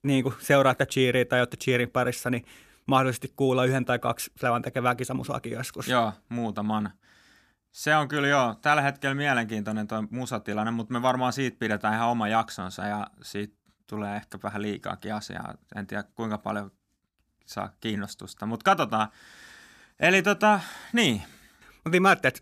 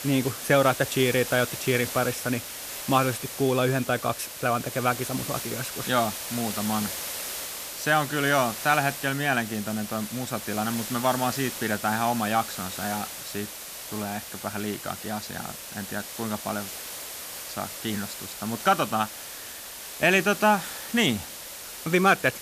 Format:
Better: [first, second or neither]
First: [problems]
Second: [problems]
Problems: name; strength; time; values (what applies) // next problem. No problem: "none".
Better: first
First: none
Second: hiss; loud; throughout; 8 dB below the speech